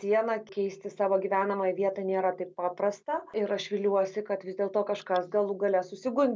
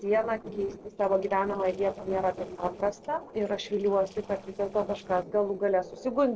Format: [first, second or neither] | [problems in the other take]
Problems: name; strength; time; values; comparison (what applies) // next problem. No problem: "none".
first | noise reduction (neural separator model SepFormer DNS4)